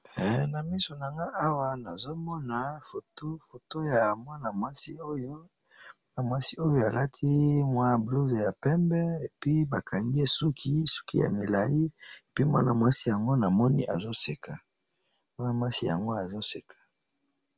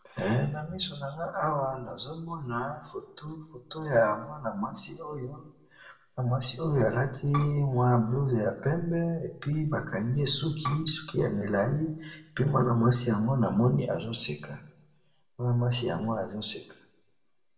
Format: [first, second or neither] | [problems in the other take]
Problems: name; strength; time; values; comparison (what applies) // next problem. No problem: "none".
first | background sound (Bowed string instrument); 8 dB below the speech // room echo; dies away in 0.6 s